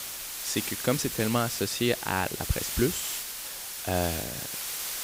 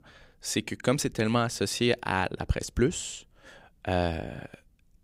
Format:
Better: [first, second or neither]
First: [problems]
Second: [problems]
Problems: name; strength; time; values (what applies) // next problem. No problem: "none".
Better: second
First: hiss; loud; throughout; 3 dB below the speech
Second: none